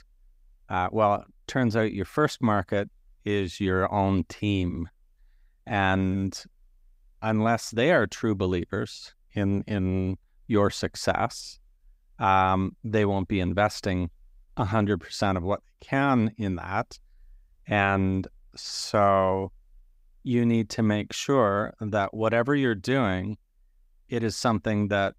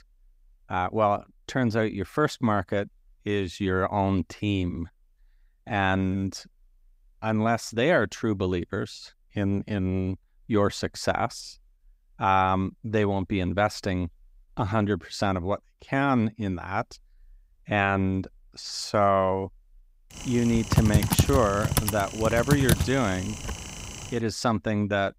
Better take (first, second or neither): first